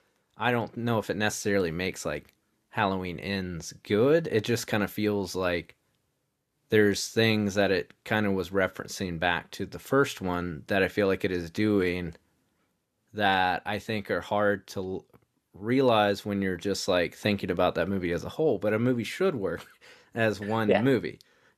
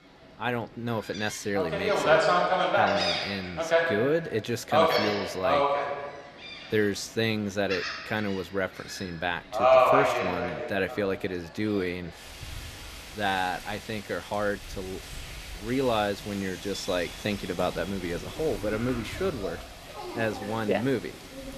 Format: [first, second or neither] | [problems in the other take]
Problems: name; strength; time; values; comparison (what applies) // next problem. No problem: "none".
first | animal sounds; very loud; throughout; 3 dB above the speech